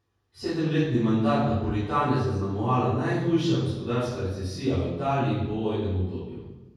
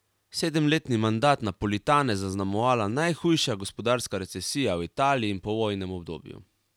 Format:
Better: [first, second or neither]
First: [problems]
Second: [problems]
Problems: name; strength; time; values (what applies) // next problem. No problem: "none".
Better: second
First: room echo; dies away in 1.3 s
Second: none